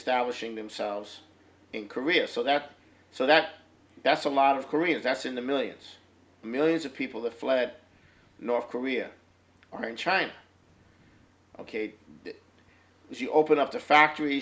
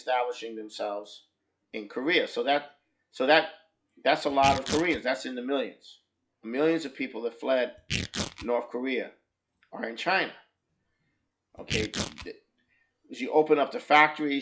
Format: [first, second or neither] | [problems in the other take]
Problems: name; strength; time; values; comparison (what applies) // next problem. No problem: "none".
first | noise reduction (classical method log-MMSE)